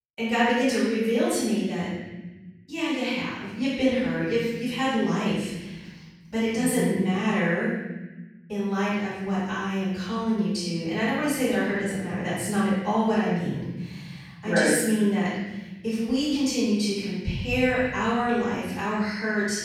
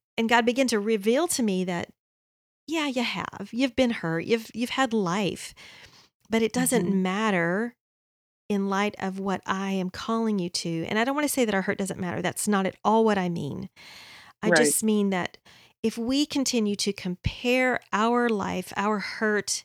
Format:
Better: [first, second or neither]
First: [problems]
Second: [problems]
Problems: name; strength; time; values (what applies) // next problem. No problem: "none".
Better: second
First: off-mic speech; far // room echo; strong; dies away in 1.6 s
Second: none